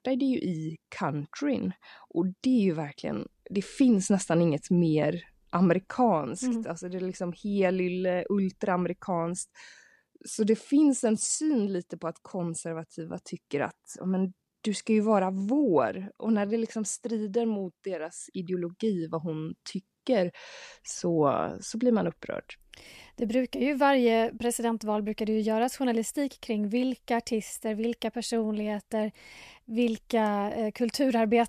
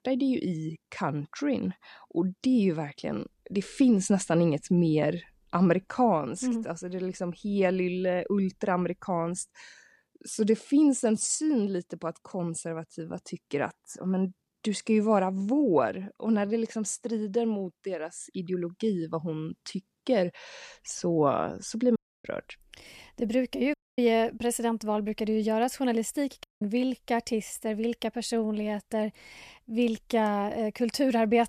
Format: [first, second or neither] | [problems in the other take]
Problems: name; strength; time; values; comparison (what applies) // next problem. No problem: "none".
first | audio cutting out; at 22 s, at 24 s and at 26 s